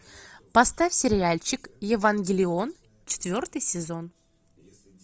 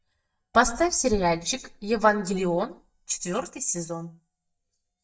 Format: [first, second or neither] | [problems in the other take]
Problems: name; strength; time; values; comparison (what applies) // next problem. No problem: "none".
first | noise reduction (neural mask model DeepFilterNet 3)